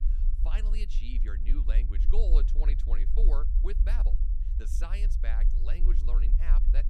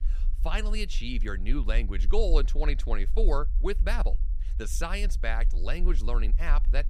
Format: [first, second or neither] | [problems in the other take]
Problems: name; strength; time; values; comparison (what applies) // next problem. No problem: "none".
second | low rumble; loud; throughout; 8 dB below the speech; faint in the second